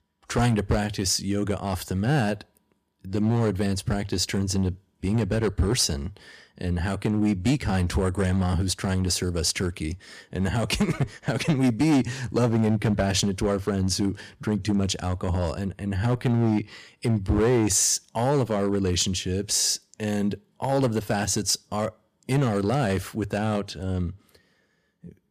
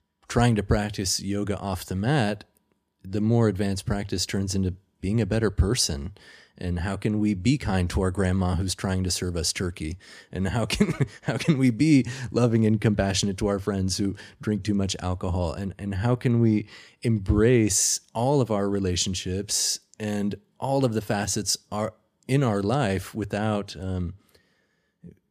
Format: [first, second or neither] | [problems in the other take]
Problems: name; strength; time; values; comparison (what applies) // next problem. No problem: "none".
second | distortion; slight; 5% of the sound clipped